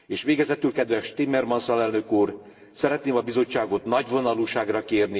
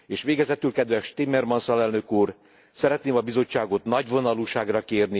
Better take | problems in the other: second | room echo; dies away in 1.1 s

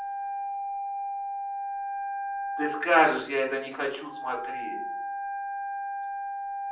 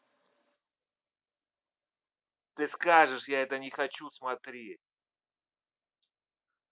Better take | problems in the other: second | background sound (Wind instrument, woodwind instrument); 3 dB below the speech // room echo; dies away in 0.6 s

